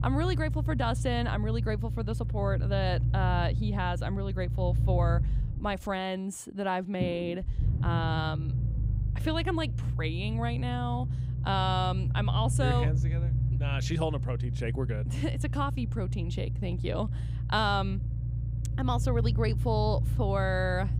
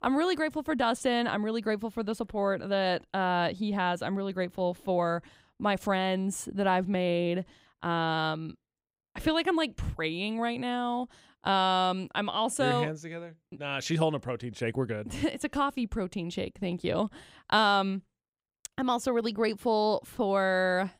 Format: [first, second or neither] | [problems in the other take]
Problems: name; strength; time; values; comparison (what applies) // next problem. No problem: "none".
second | low rumble; noticeable; throughout; 10 dB below the speech